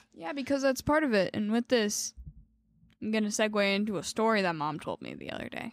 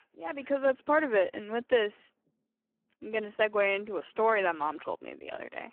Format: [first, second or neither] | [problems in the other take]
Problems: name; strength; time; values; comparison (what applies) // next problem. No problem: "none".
first | phone-call audio; poor line